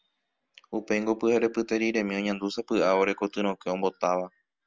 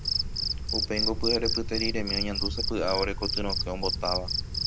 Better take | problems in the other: first | background sound (Cricket); 3 dB above the speech

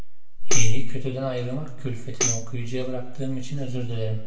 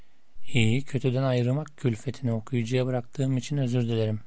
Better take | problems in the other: second | background sound (Tambourine); 13 dB below the speech // room echo; dies away in 0.9 s

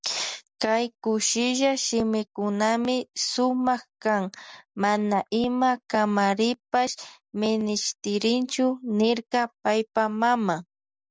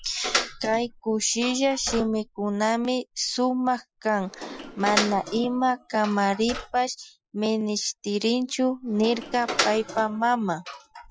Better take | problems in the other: first | noise reduction (classical method Wiener filter)

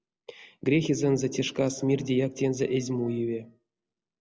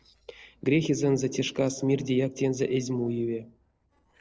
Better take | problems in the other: first | noise reduction (neural separator model SepFormer DNS4)

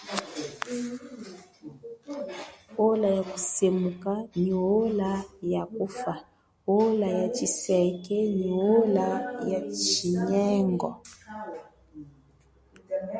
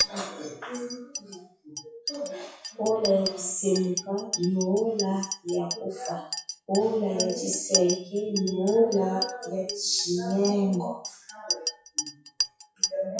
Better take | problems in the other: first | noise reduction (classical method WPE with log-MMSE)

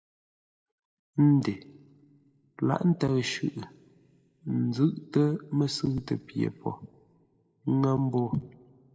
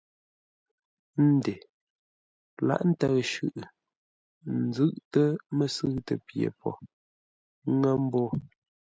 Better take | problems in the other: second | room echo; dies away in 0.7 s

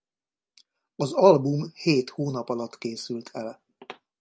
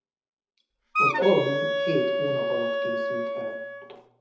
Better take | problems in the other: first | background sound (Wind instrument, woodwind instrument); 3 dB above the speech // room echo; dies away in 0.7 s

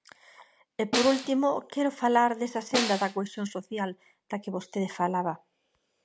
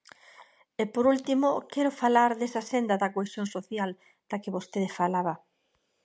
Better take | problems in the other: second | background sound (Snare drum); 7 dB below the speech

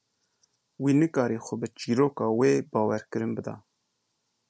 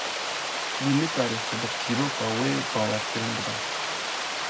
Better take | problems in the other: first | background sound (Water); as loud as the speech // room echo; dies away in 0.3 s

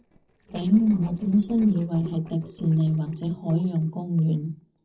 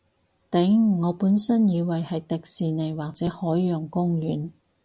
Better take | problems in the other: second | noise reduction (neural separator model SepFormer DNS4)

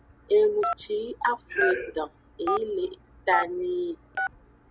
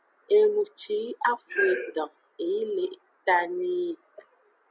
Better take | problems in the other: second | background sound (Telephone); 7 dB below the speech

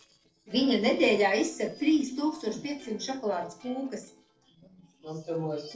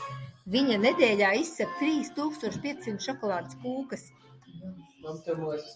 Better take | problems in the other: second | noise reduction (neural separator model SepFormer DNS4)

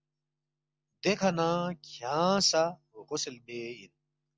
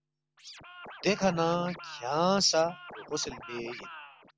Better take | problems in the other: first | background sound (Scratching (performance technique)); 15 dB below the speech

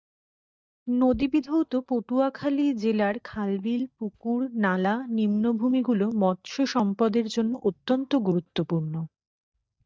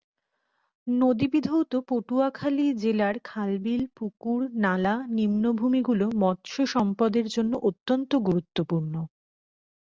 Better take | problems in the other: second | noise reduction (neural mask model DeepFilterNet 3)

